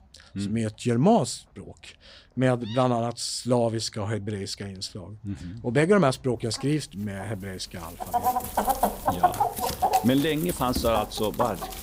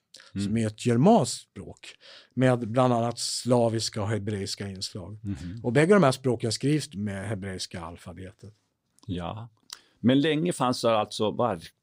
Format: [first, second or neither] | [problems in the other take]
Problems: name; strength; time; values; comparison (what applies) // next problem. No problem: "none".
second | animal sounds; loud; throughout; 1 dB below the speech